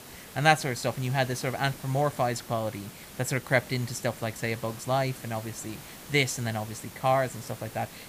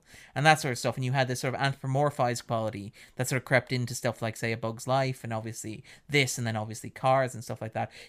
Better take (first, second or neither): second